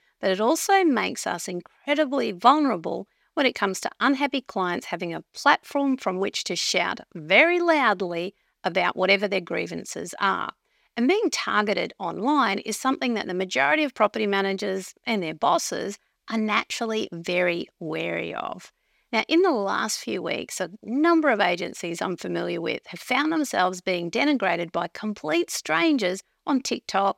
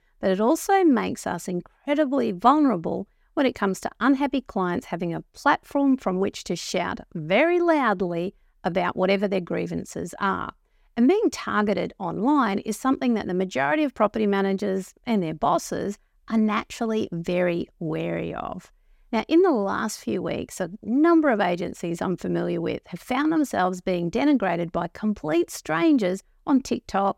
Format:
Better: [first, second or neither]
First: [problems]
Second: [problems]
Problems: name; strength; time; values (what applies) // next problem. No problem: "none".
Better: second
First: thin; very slightly; fading below 750 Hz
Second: none